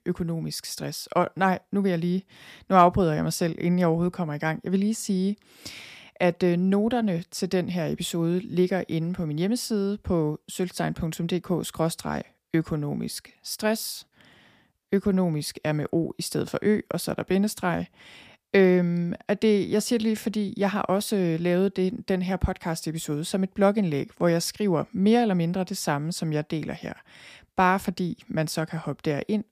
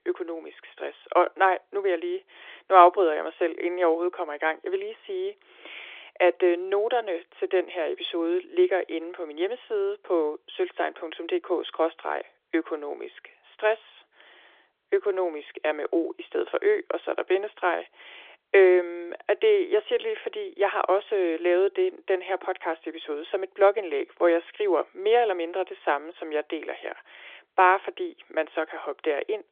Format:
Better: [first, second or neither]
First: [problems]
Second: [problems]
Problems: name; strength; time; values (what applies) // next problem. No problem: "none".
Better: first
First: none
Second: phone-call audio; nothing above 3.5 kHz